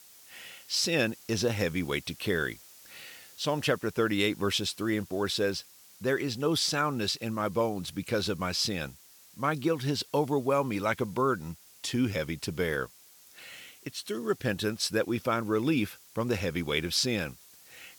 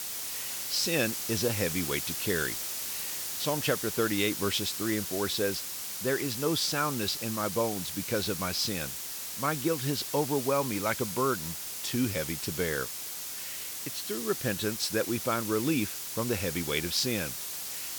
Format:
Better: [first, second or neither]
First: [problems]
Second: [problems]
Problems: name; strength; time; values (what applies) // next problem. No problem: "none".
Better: first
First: hiss; faint; throughout; 20 dB below the speech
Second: hiss; loud; throughout; 3 dB below the speech